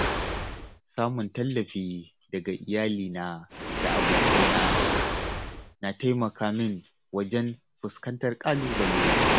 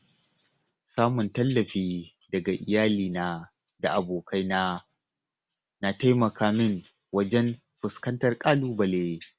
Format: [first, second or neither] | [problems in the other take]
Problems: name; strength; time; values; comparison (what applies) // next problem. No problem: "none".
second | background sound (Waves, surf); 1 dB above the speech